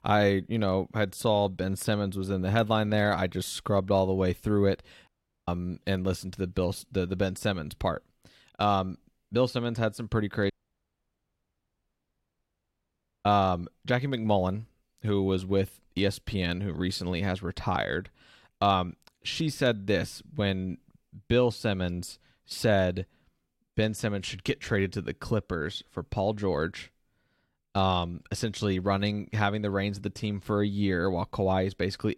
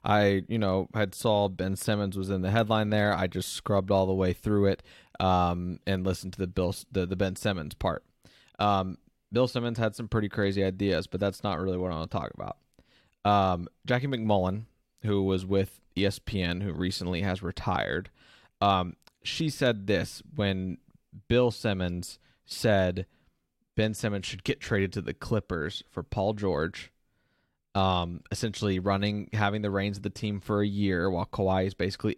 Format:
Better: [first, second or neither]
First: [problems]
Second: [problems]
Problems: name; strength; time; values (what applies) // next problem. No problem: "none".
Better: second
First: audio cutting out; at 5 s and at 11 s for 2.5 s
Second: none